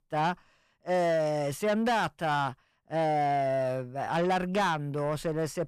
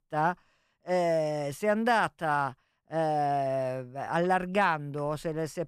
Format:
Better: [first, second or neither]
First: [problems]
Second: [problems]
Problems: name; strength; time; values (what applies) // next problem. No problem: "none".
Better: second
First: distortion; slight; 10 dB below the speech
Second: none